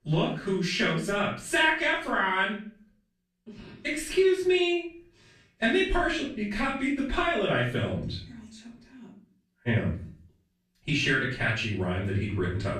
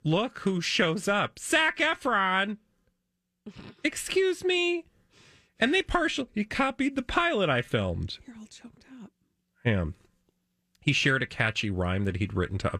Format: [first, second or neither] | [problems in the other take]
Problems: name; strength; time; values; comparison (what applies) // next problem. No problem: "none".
second | off-mic speech; far // room echo; noticeable; dies away in 0.4 s